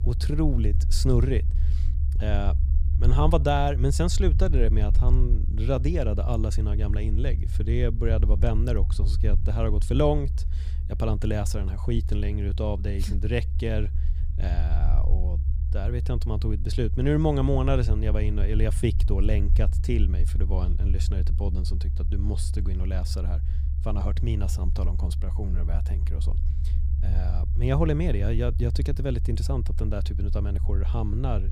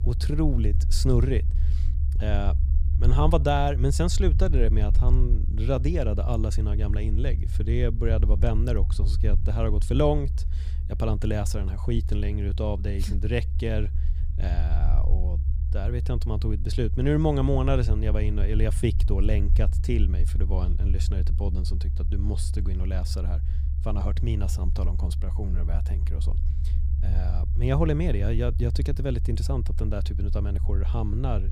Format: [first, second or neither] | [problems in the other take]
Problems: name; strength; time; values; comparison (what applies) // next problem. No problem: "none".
neither | low rumble; noticeable; throughout; 15 dB below the speech; the same in both